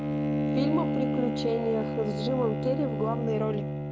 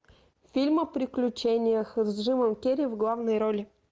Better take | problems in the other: second | background sound (Bowed string instrument); 1 dB above the speech

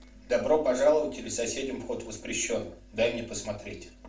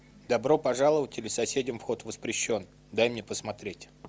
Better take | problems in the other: second | room echo; dies away in 0.4 s

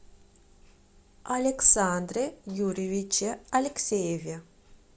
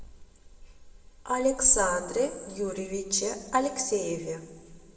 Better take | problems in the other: first | room echo; dies away in 1.2 s

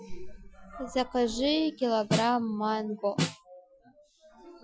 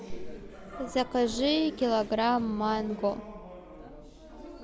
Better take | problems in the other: second | noise reduction (classical method Wiener filter)

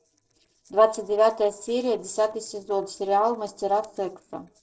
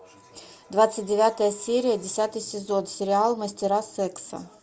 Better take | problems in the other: second | noise reduction (neural separator model SepFormer DNS4)

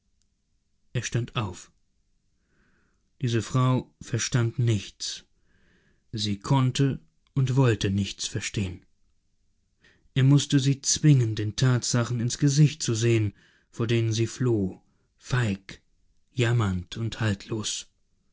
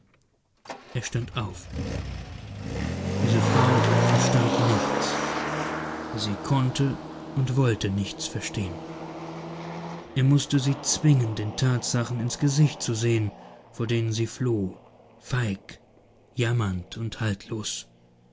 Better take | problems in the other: first | background sound (Motor vehicle (road)); 3 dB below the speech

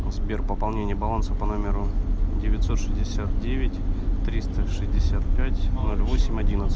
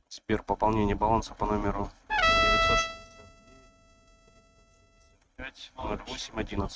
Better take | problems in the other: first | noise reduction (neural mask model RNNoise)

